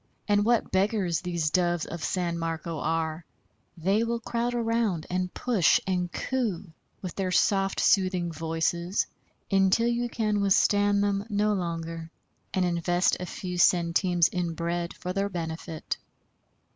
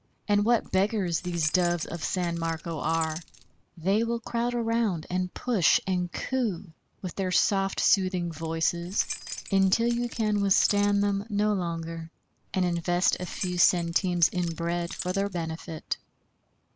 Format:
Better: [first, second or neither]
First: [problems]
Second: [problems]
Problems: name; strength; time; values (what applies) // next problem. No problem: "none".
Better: first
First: none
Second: background sound (Keys jangling); 14 dB below the speech